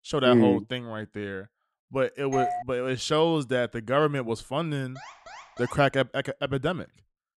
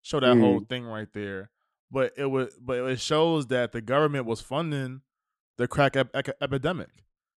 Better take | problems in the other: second | doorbell; noticeable; at 2.5 s; peak 3 dB below the speech // alarm; faint; at 5 s; peak 20 dB below the speech

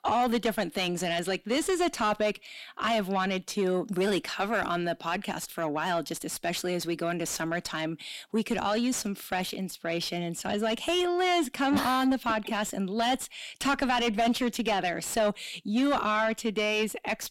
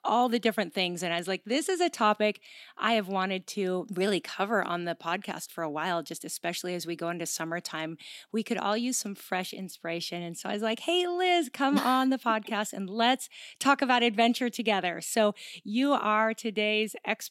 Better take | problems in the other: second | distortion; heavy; 7 dB below the speech

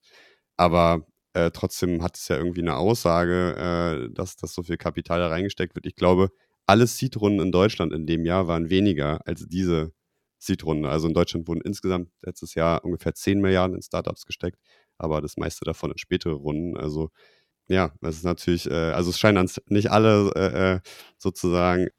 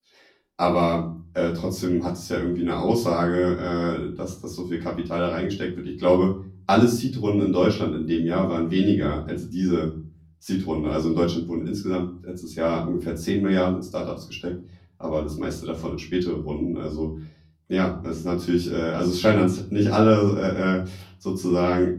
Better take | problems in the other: first | off-mic speech; far // room echo; slight; dies away in 0.4 s

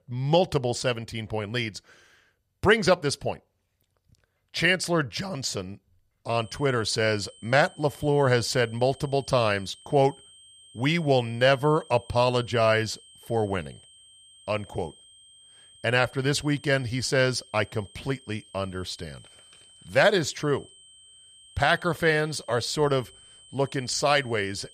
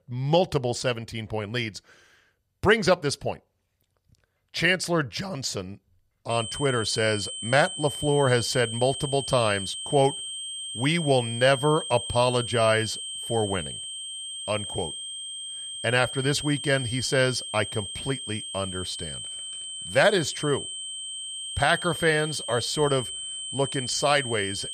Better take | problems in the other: first | high-pitched whine; loud; from 6.5 s on; 3 kHz, 7 dB below the speech; faint in the first

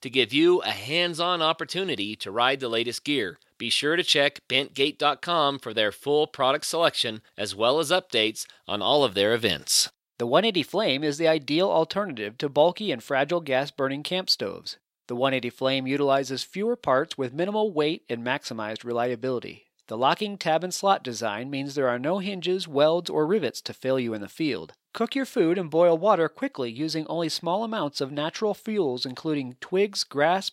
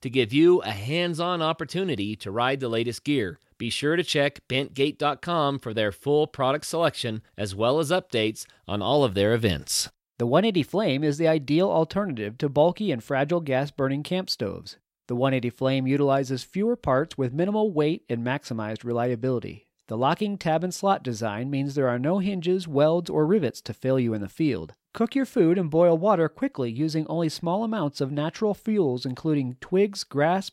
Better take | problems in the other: second | thin; very slightly; fading below 500 Hz

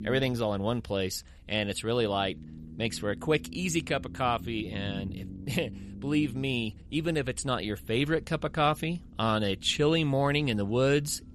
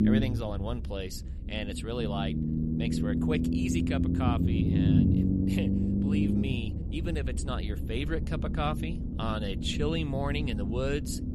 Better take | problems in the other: first | low rumble; loud; throughout; 1 dB below the speech; faint in the first

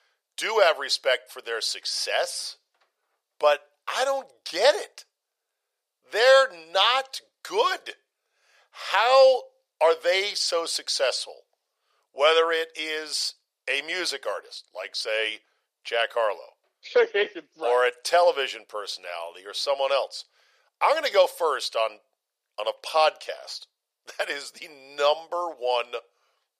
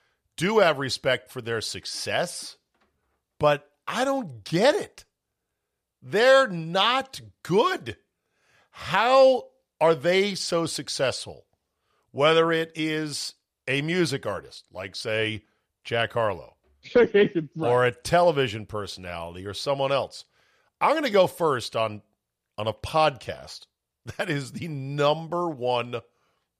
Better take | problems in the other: second | thin; very; fading below 500 Hz

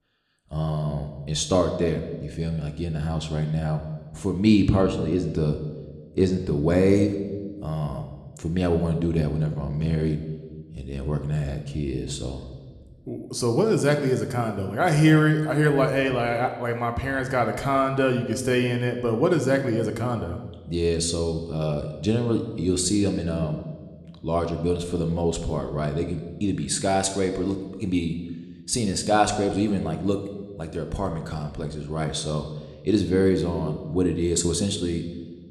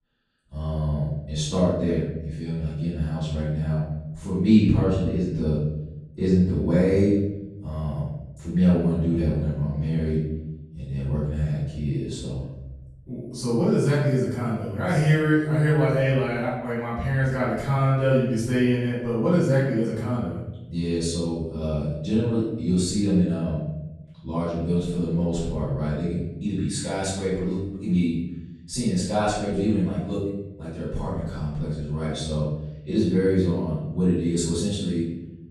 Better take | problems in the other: first | room echo; strong; dies away in 1.1 s; slight in the first // off-mic speech; far

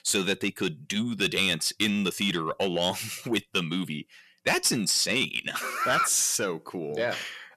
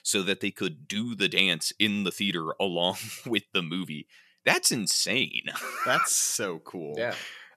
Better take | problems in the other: second | distortion; slight; 10 dB below the speech

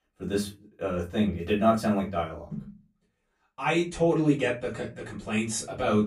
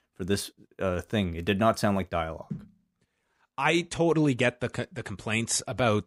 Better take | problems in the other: second | off-mic speech; far // room echo; very slight; dies away in 0.2 s

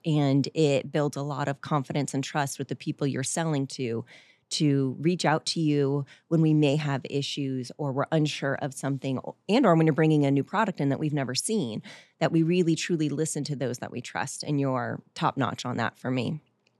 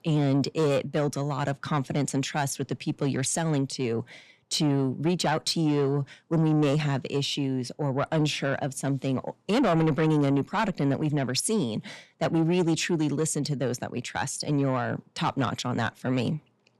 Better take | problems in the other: first | distortion; slight; 10 dB below the speech

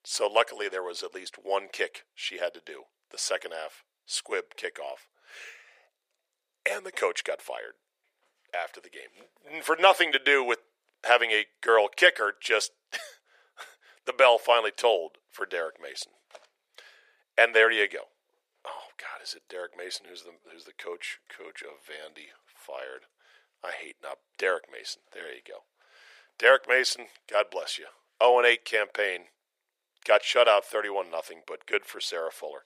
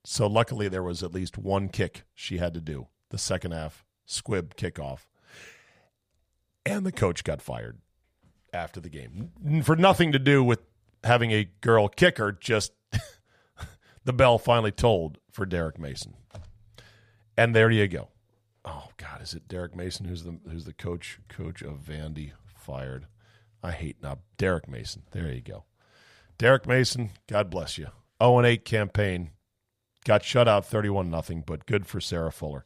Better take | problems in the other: second | thin; very; fading below 400 Hz

